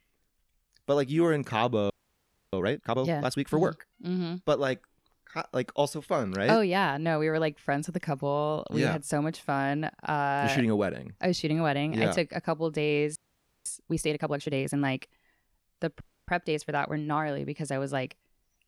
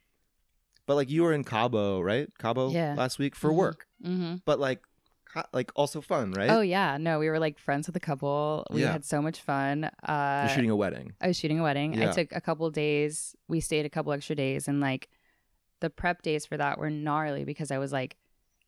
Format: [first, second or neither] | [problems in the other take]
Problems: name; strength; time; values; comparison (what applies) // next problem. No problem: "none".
second | audio freezing; at 2 s for 0.5 s, at 13 s and at 16 s